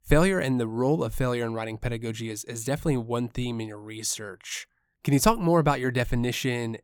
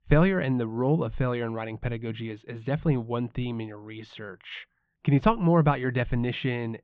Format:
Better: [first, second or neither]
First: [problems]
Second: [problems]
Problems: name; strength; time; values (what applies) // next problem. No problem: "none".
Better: first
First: none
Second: muffled; very; fading above 3 kHz